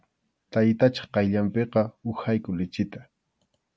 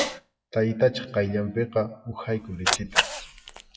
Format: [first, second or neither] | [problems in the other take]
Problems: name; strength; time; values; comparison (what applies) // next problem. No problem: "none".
first | noise reduction (classical method WPE with log-MMSE)